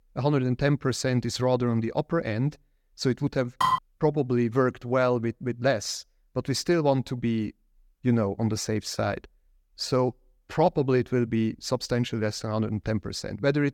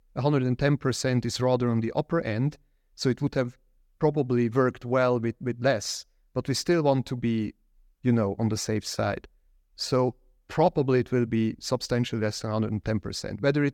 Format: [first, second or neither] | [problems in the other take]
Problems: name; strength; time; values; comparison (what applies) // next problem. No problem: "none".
second | clattering dishes; loud; at 3.5 s; peak 1 dB above the speech